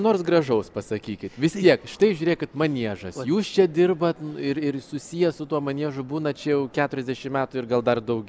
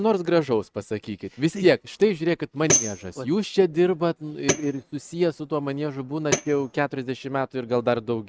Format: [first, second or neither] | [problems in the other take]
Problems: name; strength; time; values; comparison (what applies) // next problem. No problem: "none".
first | noise reduction (neural mask model RNNoise)